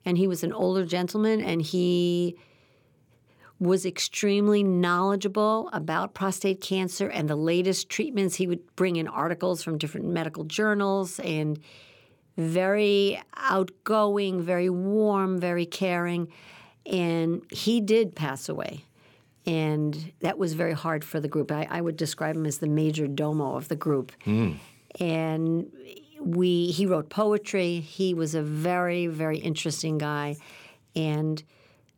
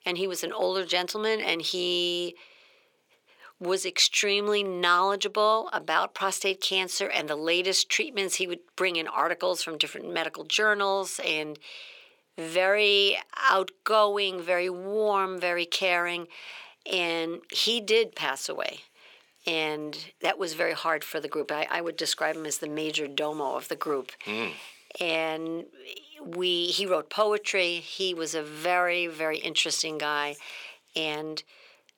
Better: first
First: none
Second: thin; very; fading below 550 Hz

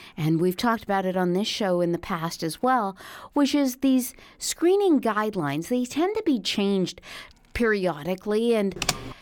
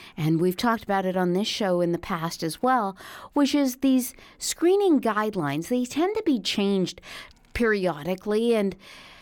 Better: second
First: keyboard typing; noticeable; at 9 s; peak 3 dB below the speech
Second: none

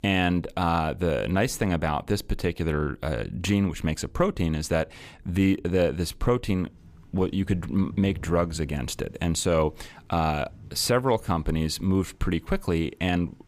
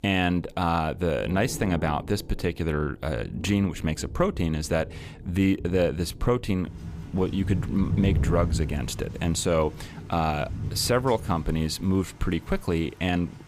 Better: first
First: rain or running water; faint; throughout; 25 dB below the speech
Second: rain or running water; loud; throughout; 8 dB below the speech

